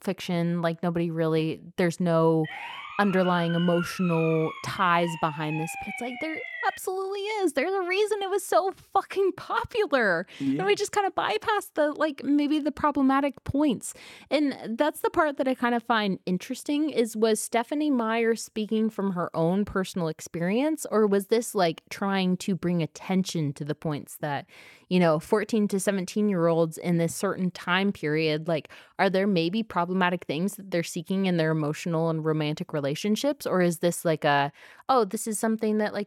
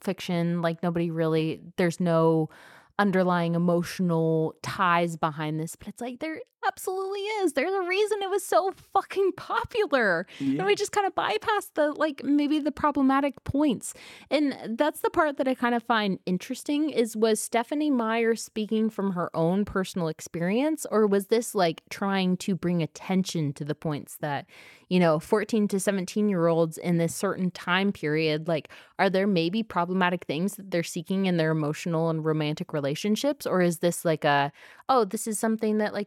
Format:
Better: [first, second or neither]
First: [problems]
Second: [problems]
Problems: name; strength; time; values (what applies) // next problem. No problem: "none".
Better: second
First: siren; noticeable; from 2.5 to 7 s; peak 7 dB below the speech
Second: none